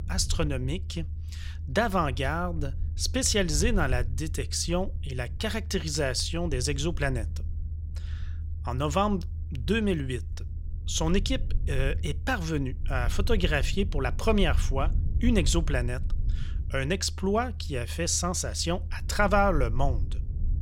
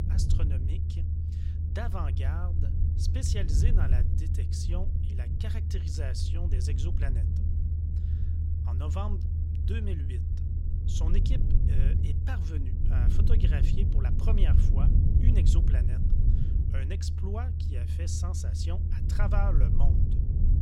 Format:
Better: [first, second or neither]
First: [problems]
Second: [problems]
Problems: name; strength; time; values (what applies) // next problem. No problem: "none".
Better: first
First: low rumble; faint; throughout; 20 dB below the speech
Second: low rumble; loud; throughout; 1 dB below the speech